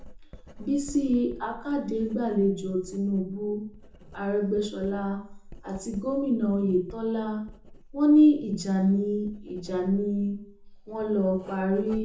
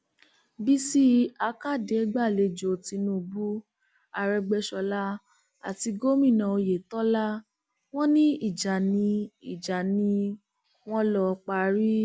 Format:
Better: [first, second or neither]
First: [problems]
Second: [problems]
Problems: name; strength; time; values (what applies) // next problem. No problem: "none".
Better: second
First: background sound (Writing); 19 dB below the speech // room echo; dies away in 0.5 s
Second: none